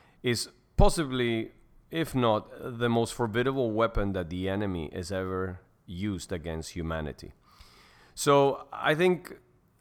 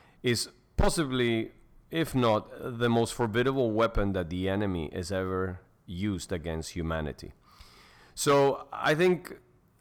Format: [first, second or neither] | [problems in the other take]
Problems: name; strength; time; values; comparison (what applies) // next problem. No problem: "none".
first | distortion; slight; 2% of the sound clipped